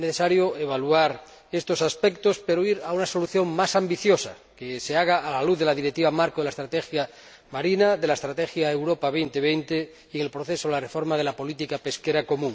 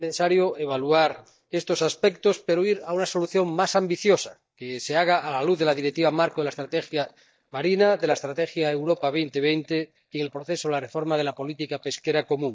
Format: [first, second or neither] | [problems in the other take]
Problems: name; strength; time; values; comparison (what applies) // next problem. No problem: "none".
first | noise reduction (neural mask model DeepFilterNet 3)